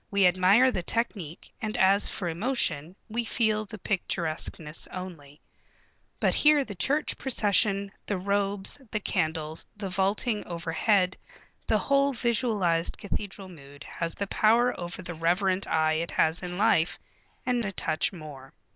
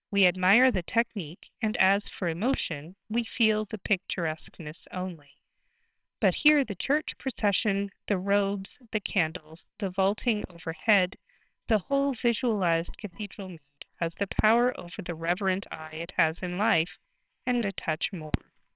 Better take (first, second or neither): first